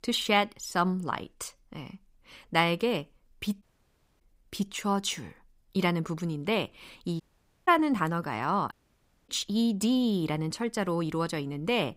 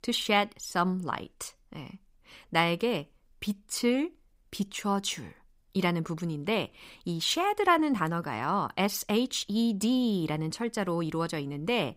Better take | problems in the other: second | audio cutting out; at 3.5 s for 0.5 s, at 7 s and at 8.5 s for 0.5 s

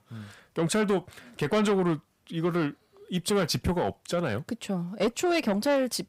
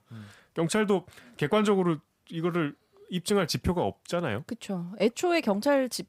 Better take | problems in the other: second | distortion; slight; 10 dB below the speech

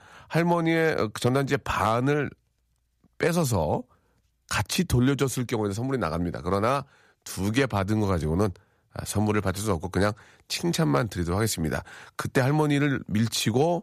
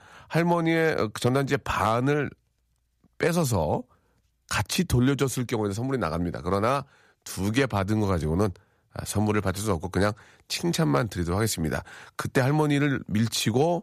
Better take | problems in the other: neither | none

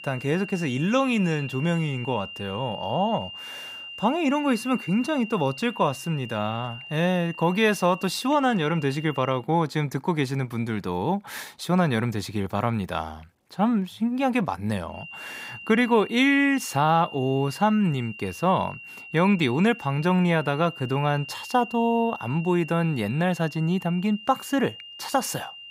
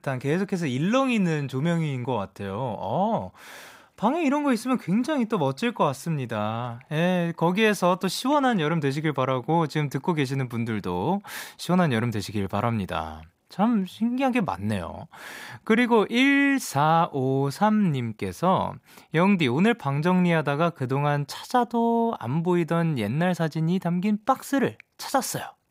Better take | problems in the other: second | high-pitched whine; noticeable; until 9.5 s and from 15 s on; 3 kHz, 15 dB below the speech

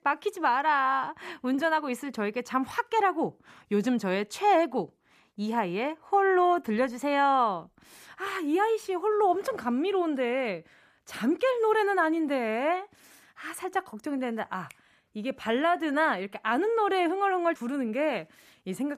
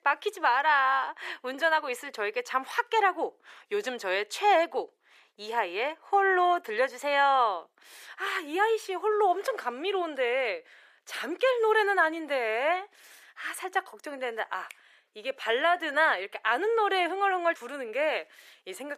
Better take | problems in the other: first | thin; very; fading below 450 Hz

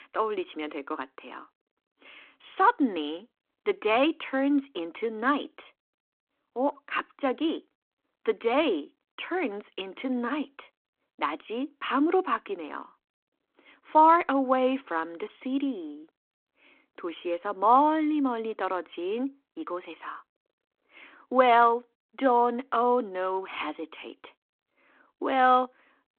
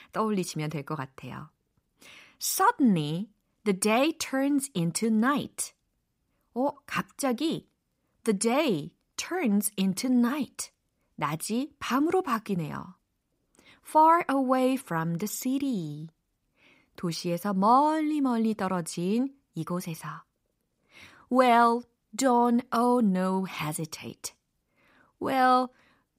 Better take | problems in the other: second | phone-call audio

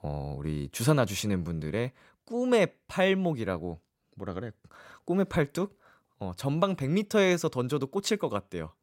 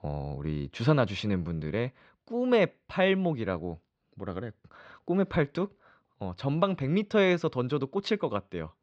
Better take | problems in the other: first | muffled; slightly; fading above 4.5 kHz

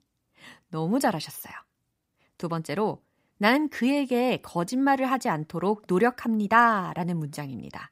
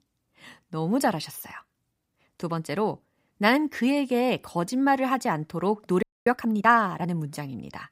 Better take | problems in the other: first | audio freezing; at 6 s

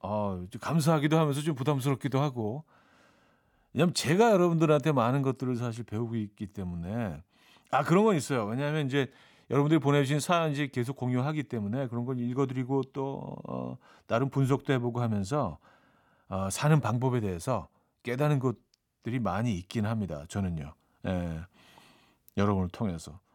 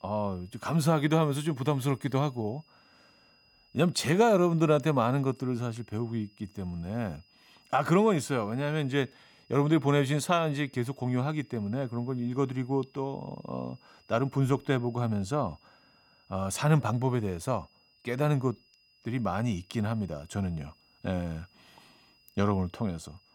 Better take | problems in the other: first | high-pitched whine; faint; throughout; 5 kHz, 30 dB below the speech

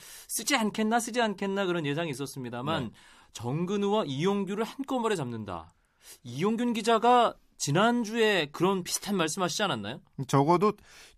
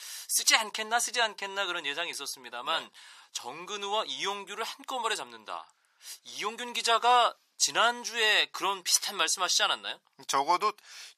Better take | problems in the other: first | thin; very; fading below 850 Hz

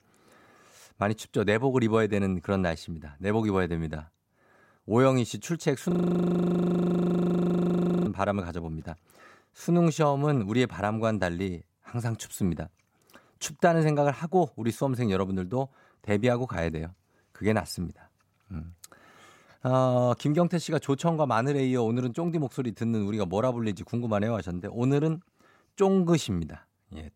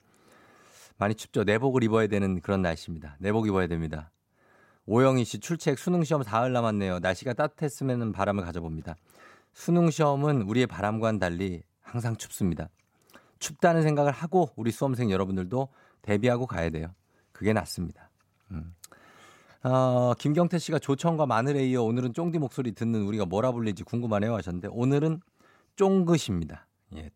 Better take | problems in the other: second | audio freezing; at 6 s for 2 s

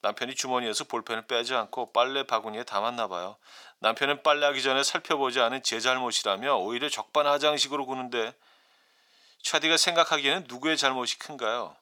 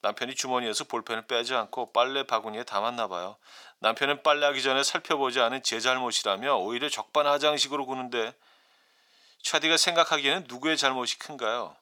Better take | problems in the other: neither | thin; very; fading below 600 Hz; the same in both

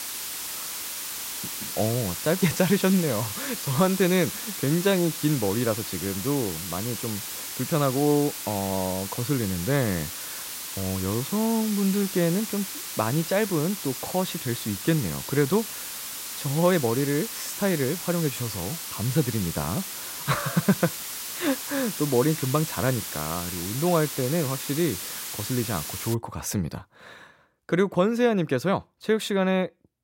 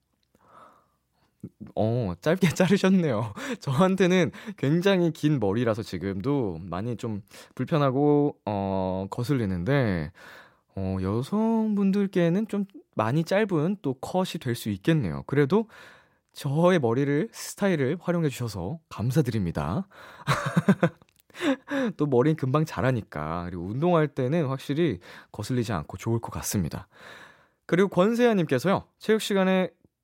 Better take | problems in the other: second | hiss; loud; until 26 s; 5 dB below the speech

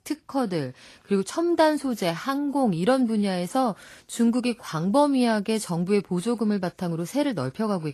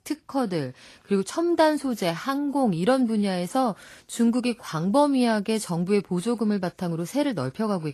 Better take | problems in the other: neither | garbled, watery; slightly; nothing above 12 kHz; the same in both

